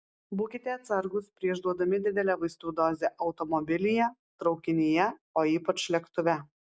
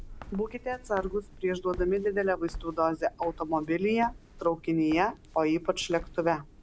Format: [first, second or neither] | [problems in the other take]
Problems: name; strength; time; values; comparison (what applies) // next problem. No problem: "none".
first | background sound (Walk, footsteps); 16 dB below the speech